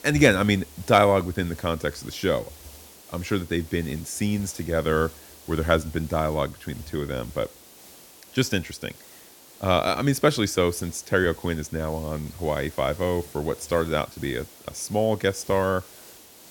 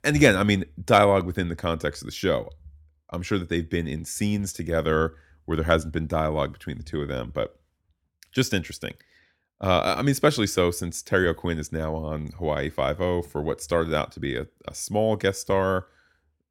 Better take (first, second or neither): second